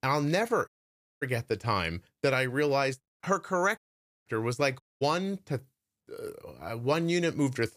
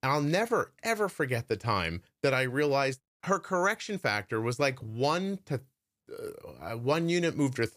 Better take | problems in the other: second | audio cutting out; at 0.5 s for 0.5 s, at 4 s and at 5 s

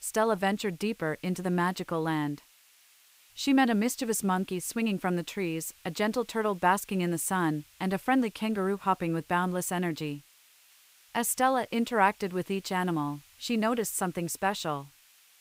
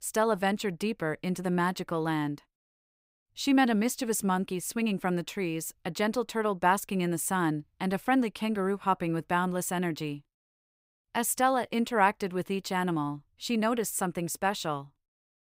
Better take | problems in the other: second | hiss; faint; throughout; 25 dB below the speech

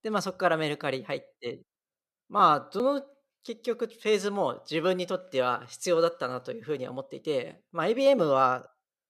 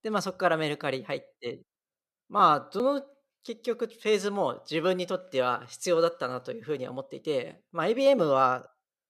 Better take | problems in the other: neither | none

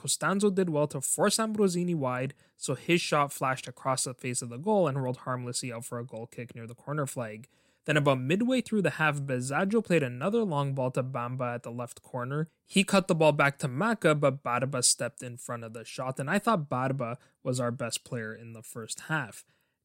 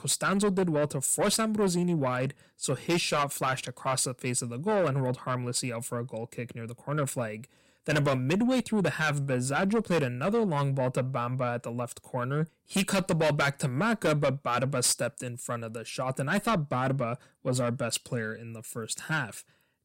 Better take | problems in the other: first | distortion; heavy; 8 dB below the speech

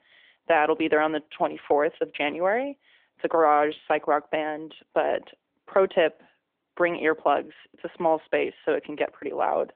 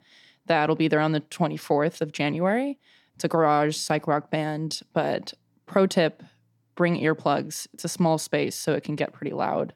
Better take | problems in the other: second | phone-call audio

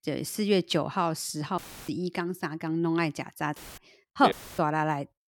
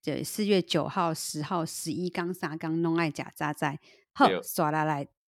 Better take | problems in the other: second | audio cutting out; filled with static; at 1.5 s, at 3.5 s and at 4.5 s

